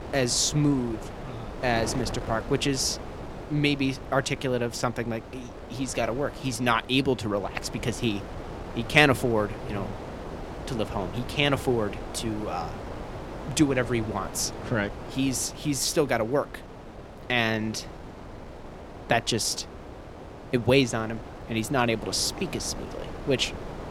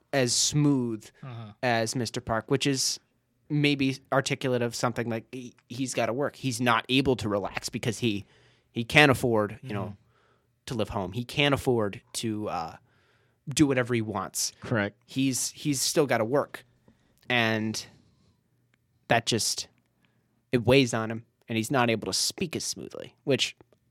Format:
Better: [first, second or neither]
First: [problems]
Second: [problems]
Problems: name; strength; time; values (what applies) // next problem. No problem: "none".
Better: second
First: wind noise on the microphone; occasional gusts; 15 dB below the speech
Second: none